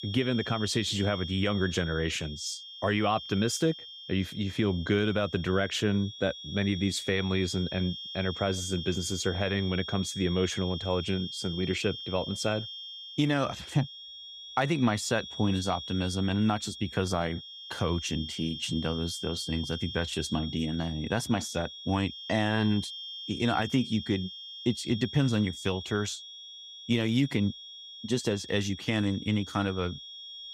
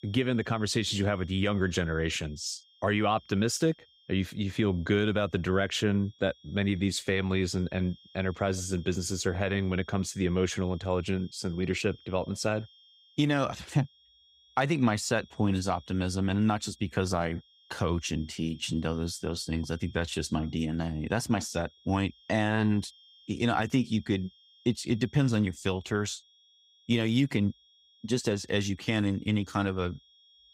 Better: second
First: high-pitched whine; loud; throughout; 3 kHz, 9 dB below the speech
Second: high-pitched whine; faint; throughout; 3 kHz, 25 dB below the speech

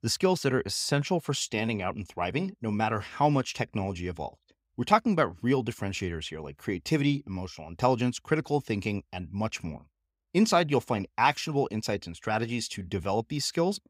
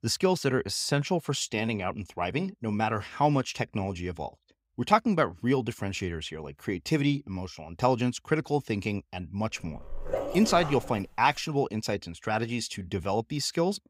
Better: first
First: none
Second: dog barking; noticeable; from 10 to 11 s; peak 4 dB below the speech

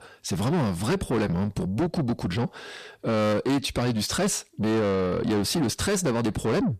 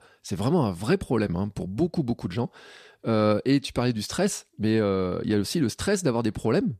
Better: second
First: distortion; heavy; 7 dB below the speech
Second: none

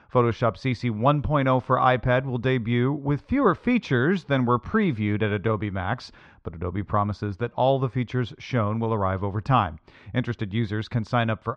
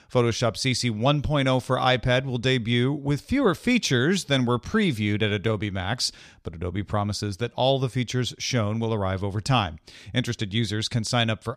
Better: second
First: muffled; very; fading above 2 kHz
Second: none

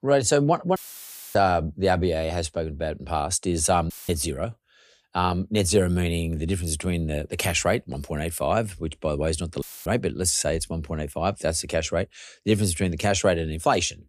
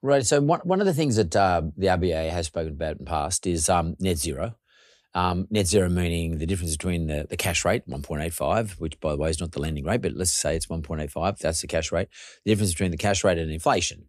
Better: second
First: audio cutting out; filled with static; at 1 s for 0.5 s, at 4 s and at 9.5 s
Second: none

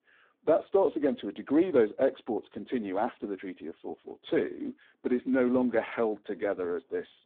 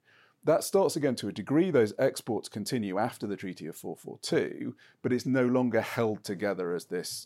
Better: second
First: phone-call audio; poor line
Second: none

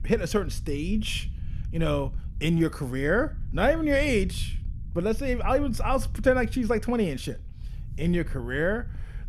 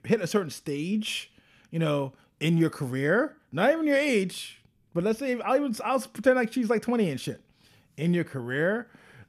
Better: second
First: low rumble; faint; throughout; 25 dB below the speech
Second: none

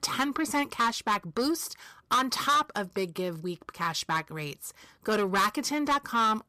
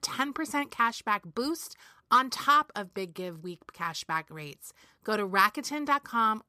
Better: second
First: distortion; heavy; 7 dB below the speech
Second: none

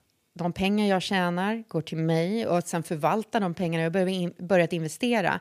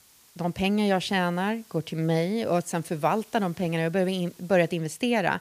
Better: first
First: none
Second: hiss; faint; throughout; 25 dB below the speech

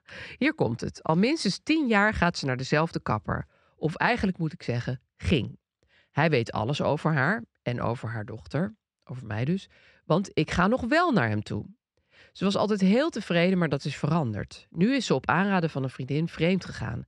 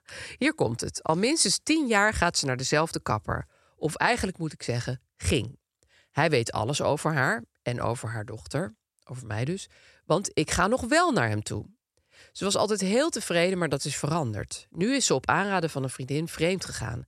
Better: second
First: muffled; very slightly; fading above 3 kHz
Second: none

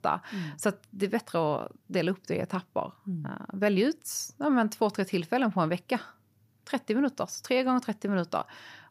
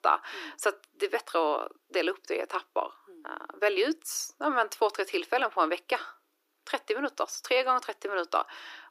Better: first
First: none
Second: thin; very; fading below 300 Hz

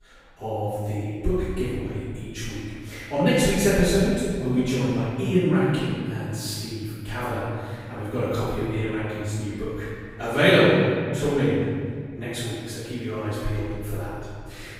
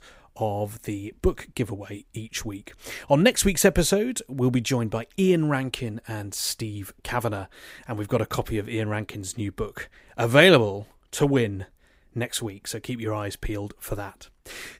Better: second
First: room echo; strong; dies away in 2.1 s // off-mic speech; far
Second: none

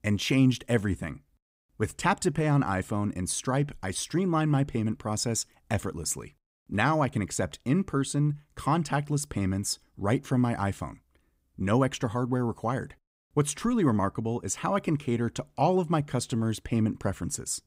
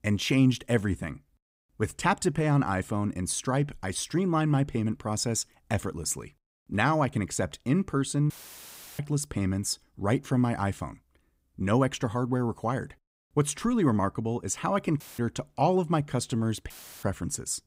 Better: first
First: none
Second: audio cutting out; filled with static; at 8.5 s for 0.5 s, at 15 s and at 17 s

